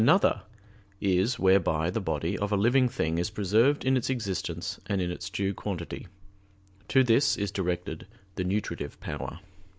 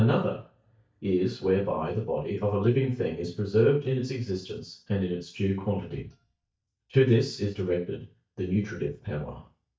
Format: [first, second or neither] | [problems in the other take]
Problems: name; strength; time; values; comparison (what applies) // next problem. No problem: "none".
first | noise reduction (neural mask model DeepFilterNet 3)